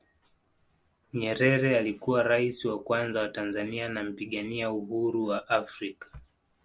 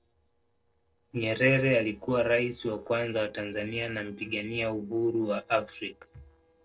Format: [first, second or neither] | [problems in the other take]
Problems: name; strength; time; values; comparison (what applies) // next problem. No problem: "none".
first | noise reduction (neural separator model SepFormer DNS4)